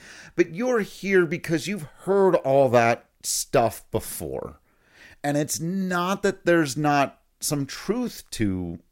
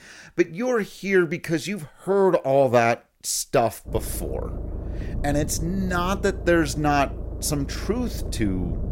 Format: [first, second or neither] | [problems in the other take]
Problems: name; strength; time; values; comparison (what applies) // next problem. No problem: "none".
first | low rumble; noticeable; from 4 s on; 20 dB below the speech